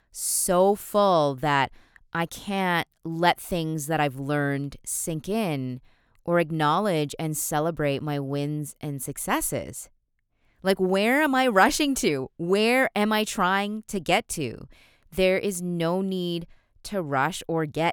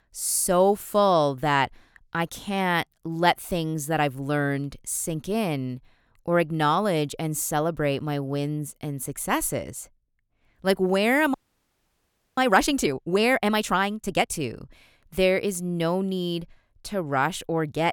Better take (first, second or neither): first